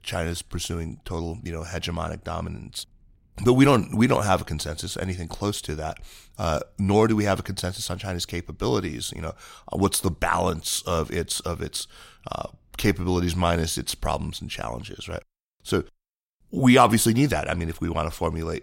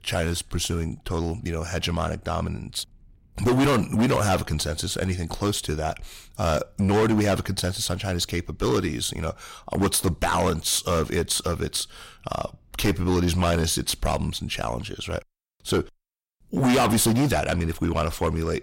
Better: first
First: none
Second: distortion; heavy; 8% of the sound clipped

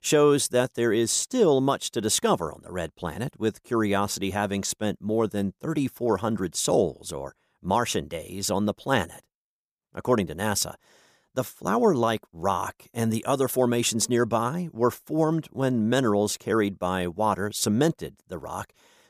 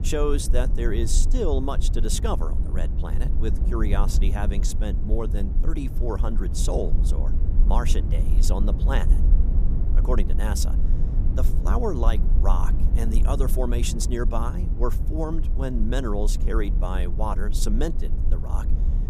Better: first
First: none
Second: low rumble; loud; throughout; 10 dB below the speech

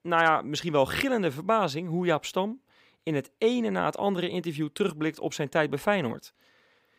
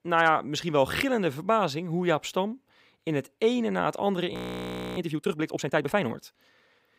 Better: first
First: none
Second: audio freezing; at 4.5 s for 0.5 s

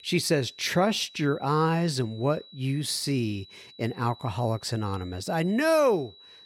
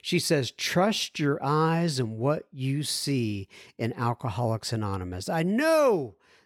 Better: second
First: high-pitched whine; faint; throughout; 4 kHz, 20 dB below the speech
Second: none

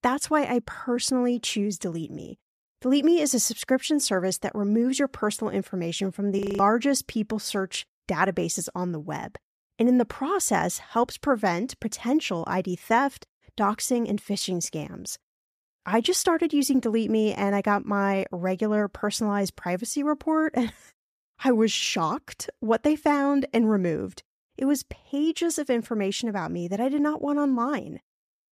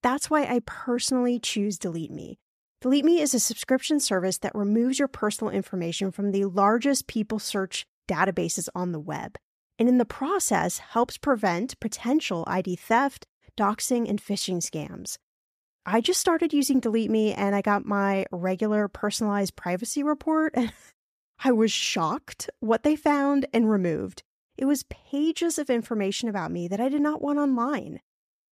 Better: second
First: audio freezing; at 6.5 s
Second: none

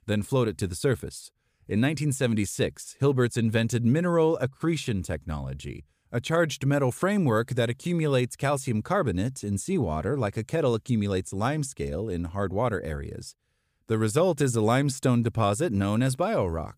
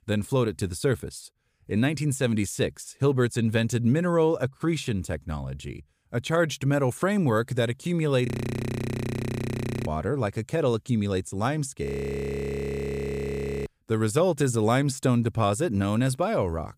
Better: first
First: none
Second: audio freezing; at 8.5 s for 1.5 s and at 12 s for 2 s

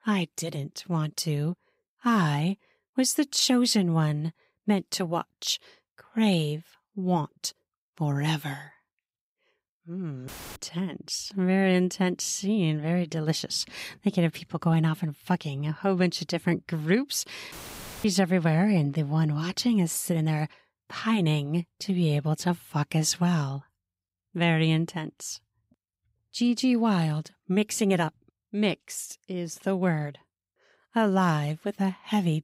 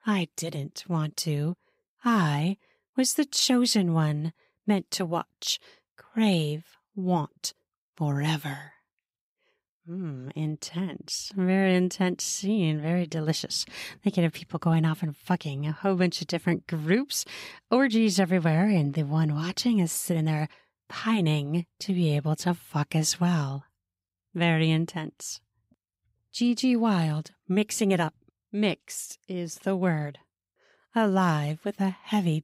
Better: second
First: audio cutting out; filled with static; at 10 s and at 18 s for 0.5 s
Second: none

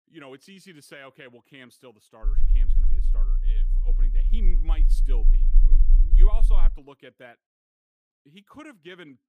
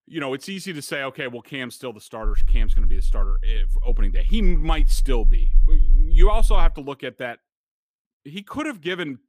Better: second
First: low rumble; loud; from 2.5 to 6.5 s; 7 dB below the speech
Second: low rumble; faint; from 2.5 to 6.5 s; 20 dB below the speech

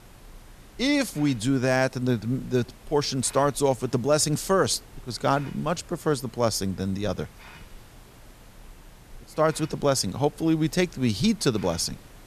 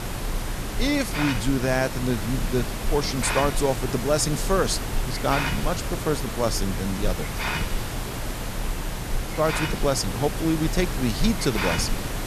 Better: first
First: hiss; faint; throughout; 25 dB below the speech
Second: hiss; loud; throughout; 3 dB below the speech

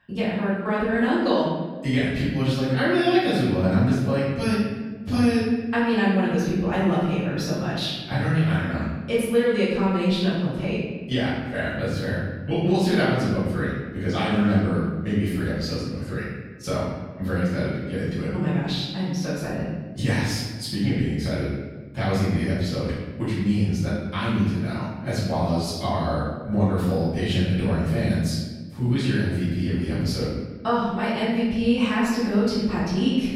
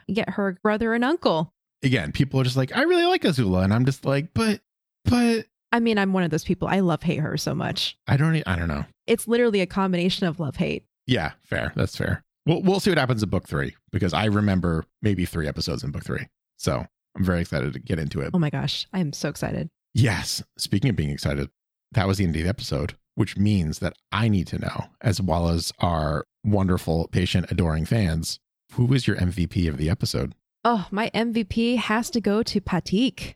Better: second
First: room echo; strong; dies away in 1.2 s // off-mic speech; far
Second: none

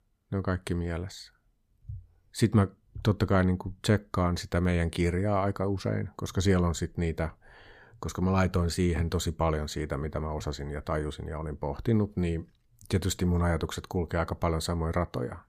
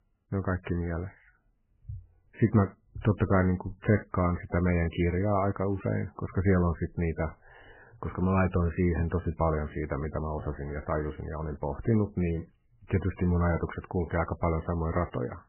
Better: first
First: none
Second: garbled, watery; badly; nothing above 3 kHz

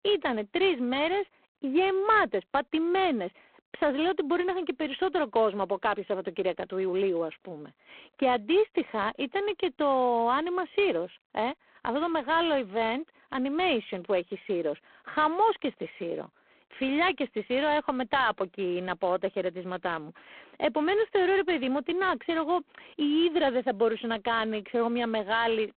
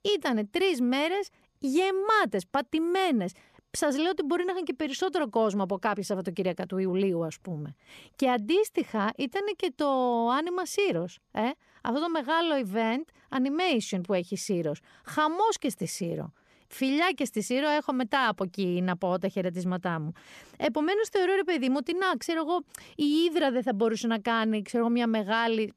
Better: second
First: phone-call audio; poor line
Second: none

